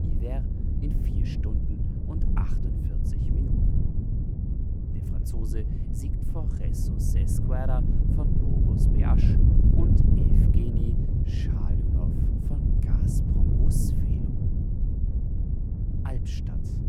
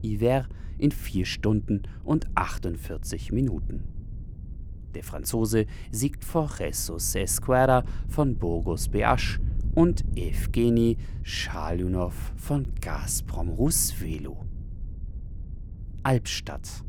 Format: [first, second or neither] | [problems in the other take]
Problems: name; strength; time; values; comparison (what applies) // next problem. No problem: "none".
second | wind noise on the microphone; heavy; 5 dB above the speech; occasional gusts in the second